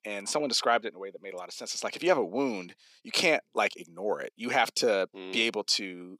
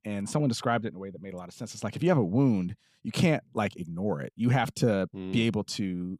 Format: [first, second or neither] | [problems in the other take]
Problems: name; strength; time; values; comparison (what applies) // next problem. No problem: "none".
second | thin; somewhat; fading below 400 Hz